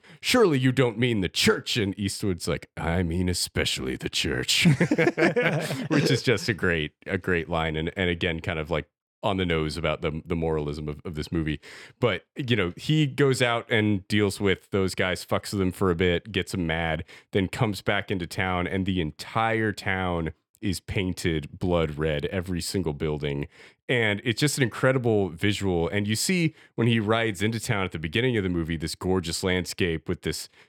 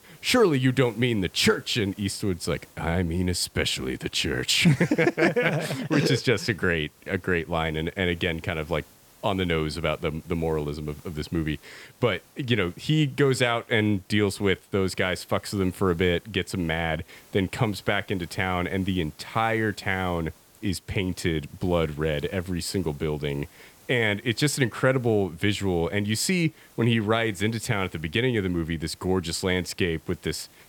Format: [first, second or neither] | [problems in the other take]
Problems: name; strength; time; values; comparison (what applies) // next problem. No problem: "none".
first | hiss; faint; throughout; 25 dB below the speech